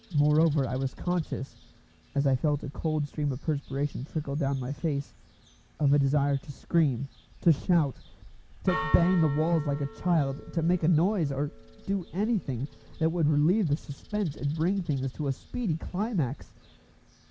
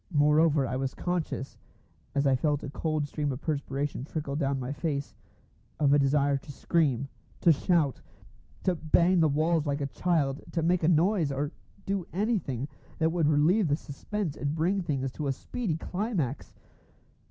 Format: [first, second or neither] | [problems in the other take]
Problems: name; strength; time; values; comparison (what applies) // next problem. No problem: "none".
second | background sound (Church bell); 19 dB below the speech